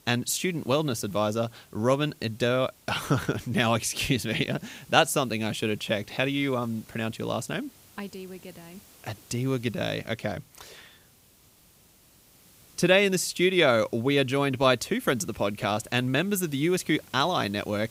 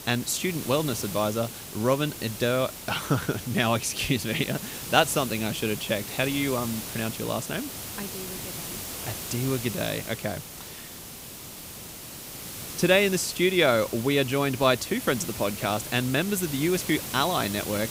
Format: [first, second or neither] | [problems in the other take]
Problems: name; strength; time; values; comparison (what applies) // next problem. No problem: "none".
first | hiss; loud; throughout; 9 dB below the speech; faint in the first